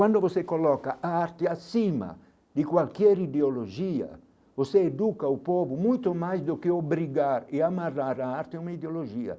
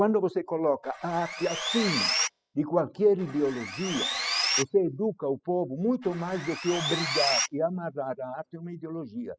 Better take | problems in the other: first | noise reduction (classical method spectral subtraction)

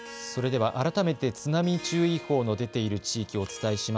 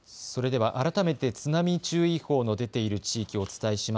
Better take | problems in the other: second | background sound (Harp); 17 dB below the speech

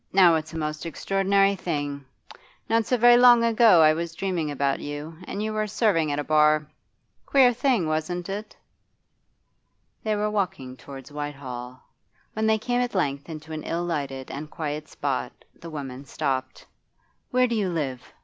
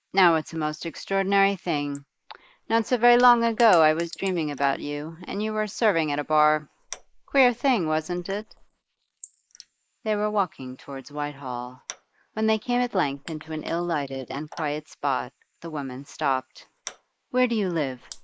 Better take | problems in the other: first | noise reduction (neural mask model Resemble Enhance denoiser)

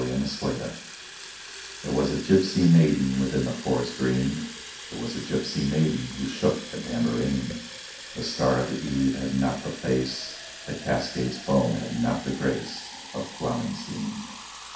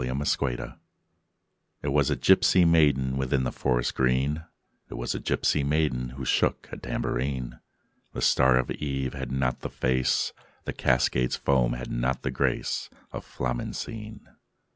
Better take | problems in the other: second | background sound (Fill (with liquid) / Water tap, faucet); 14 dB below the speech // room echo; dies away in 0.6 s

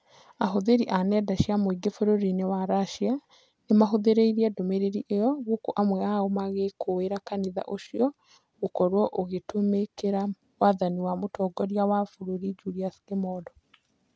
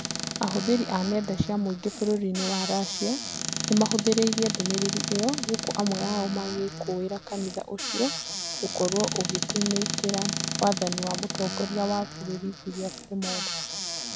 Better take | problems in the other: first | background sound (Squeak / Cupboard open or close); 4 dB below the speech

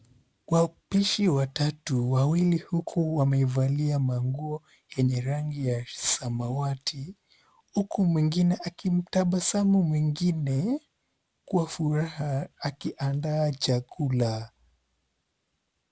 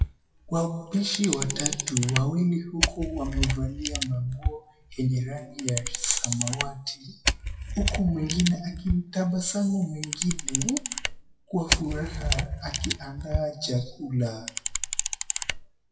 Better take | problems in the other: first | noise reduction (classical method WPE with log-MMSE)

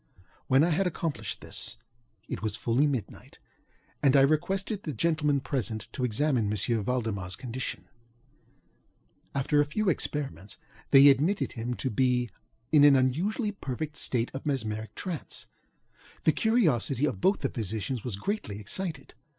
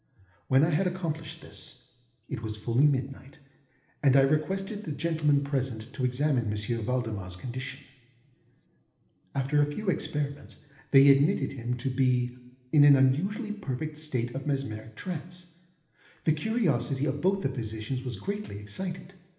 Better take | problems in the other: first | room echo; dies away in 1 s

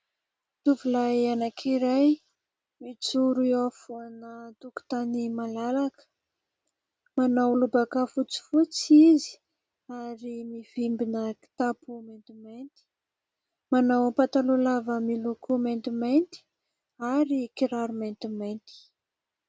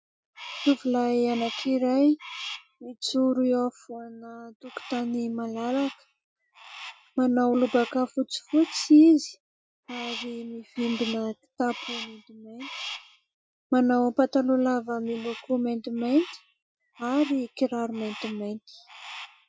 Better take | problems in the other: first | noise reduction (classical method Wiener filter)

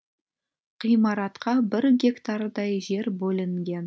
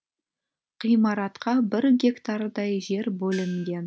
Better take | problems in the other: first | background sound (Gong); 17 dB below the speech

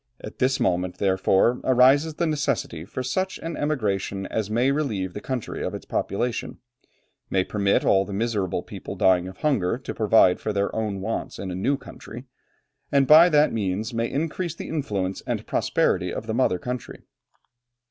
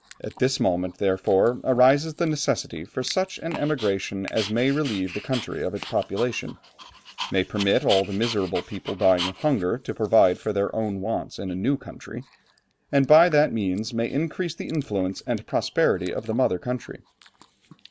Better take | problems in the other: first | background sound (Dog); 17 dB below the speech

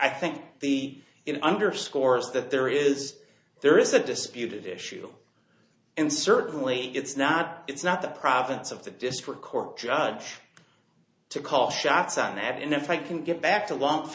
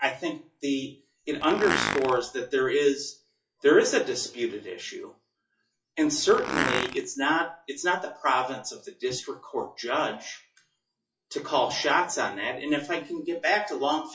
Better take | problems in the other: first | noise reduction (classical method WPE with log-MMSE)

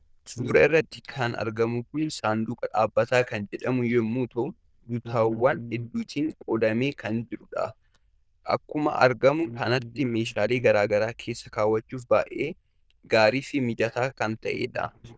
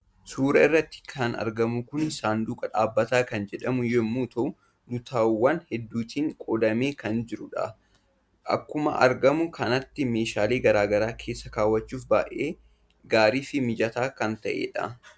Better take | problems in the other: second | noise reduction (neural diffusion model UNIVERSE++)

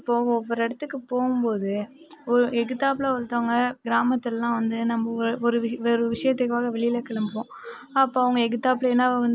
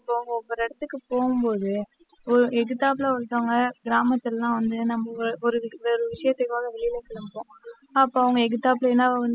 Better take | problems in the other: first | noise reduction (classical method spectral subtraction)

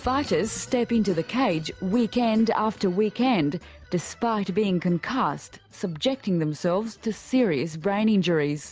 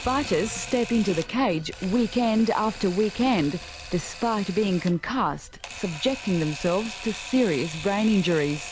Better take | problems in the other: first | background sound (Camera); 14 dB below the speech

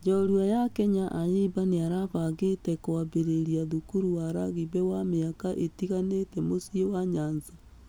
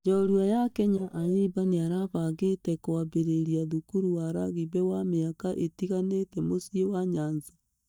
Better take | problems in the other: first | noise reduction (neural mask model DeepFilterNet 3)

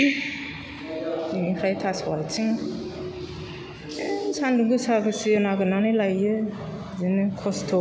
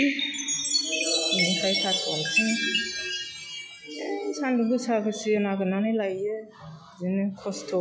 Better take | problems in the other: first | noise reduction (classical method log-MMSE)

